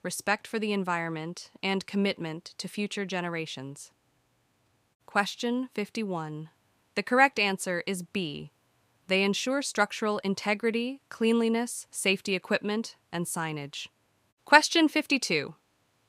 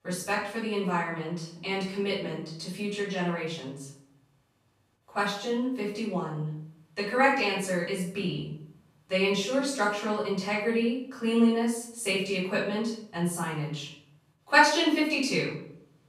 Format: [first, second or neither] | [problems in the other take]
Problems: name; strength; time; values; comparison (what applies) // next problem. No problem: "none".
first | off-mic speech; far // room echo; noticeable; dies away in 0.6 s